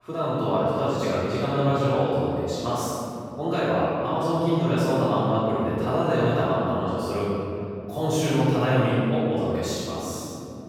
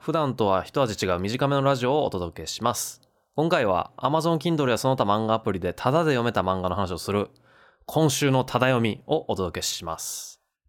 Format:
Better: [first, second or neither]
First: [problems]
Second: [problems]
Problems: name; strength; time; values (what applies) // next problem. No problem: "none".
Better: second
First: off-mic speech; far // room echo; strong; dies away in 3 s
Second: none